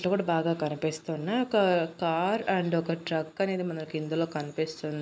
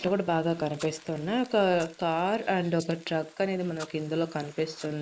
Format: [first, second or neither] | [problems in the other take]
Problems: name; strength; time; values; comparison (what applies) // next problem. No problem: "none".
first | noise reduction (neural mask model Resemble Enhance denoiser)